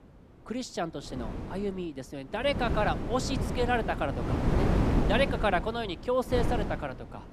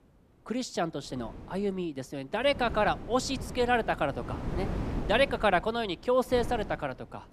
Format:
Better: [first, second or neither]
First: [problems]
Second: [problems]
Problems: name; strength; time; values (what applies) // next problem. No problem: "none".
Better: second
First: wind noise on the microphone; heavy; 6 dB below the speech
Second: wind noise on the microphone; occasional gusts; 15 dB below the speech